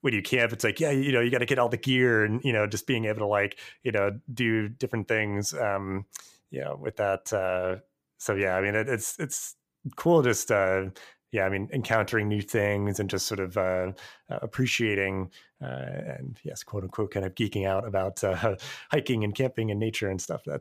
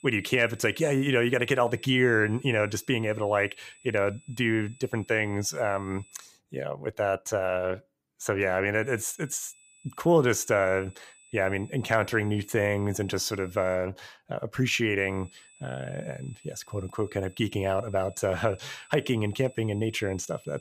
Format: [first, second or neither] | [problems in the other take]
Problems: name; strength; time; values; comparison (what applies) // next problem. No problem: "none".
first | high-pitched whine; faint; until 6.5 s, from 9 to 14 s and from 15 s on; 8 kHz, 25 dB below the speech